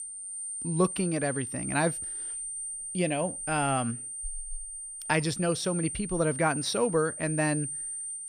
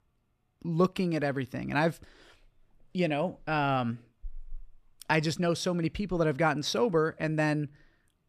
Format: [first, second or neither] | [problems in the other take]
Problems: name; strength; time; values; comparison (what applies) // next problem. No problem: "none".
second | high-pitched whine; loud; throughout; 9 kHz, 5 dB below the speech